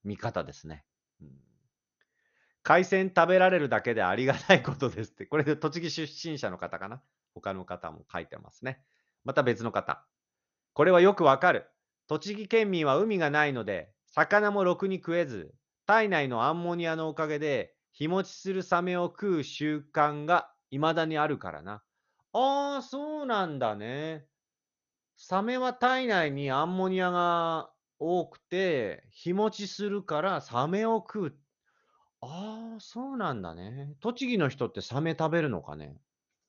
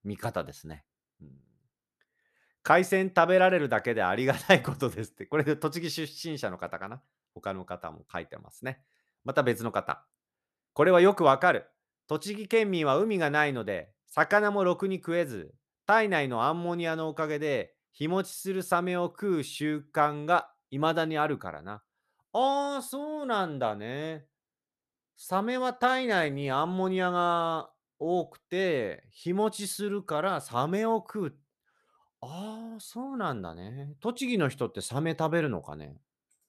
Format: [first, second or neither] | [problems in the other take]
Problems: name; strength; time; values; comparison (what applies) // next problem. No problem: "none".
second | garbled, watery; slightly; nothing above 6.5 kHz